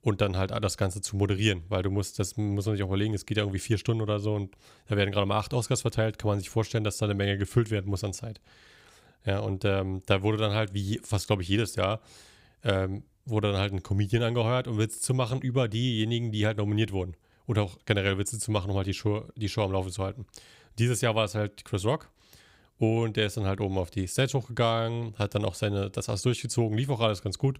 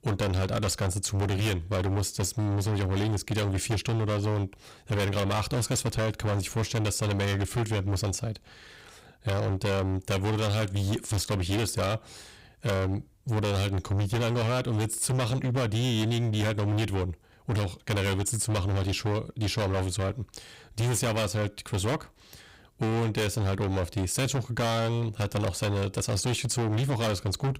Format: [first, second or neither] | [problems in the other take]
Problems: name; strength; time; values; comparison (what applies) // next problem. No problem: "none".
first | distortion; heavy; 28% of the sound clipped